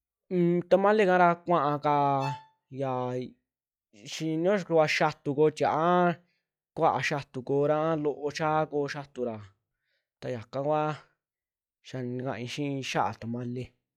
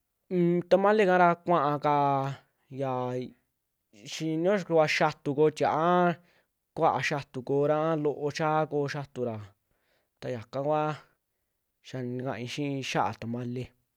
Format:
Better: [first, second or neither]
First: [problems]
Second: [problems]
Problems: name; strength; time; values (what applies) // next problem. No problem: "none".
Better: second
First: noise reduction (classical method log-MMSE)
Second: none